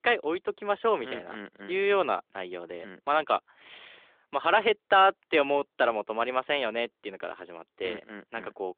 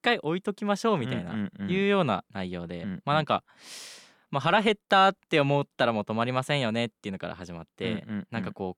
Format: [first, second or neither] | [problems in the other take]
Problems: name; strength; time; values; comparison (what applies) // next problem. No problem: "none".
second | phone-call audio